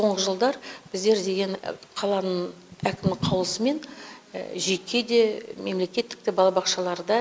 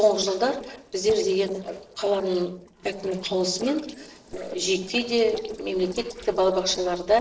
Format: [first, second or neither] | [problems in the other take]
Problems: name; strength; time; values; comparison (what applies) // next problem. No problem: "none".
first | noise reduction (neural separator model SepFormer DNS4)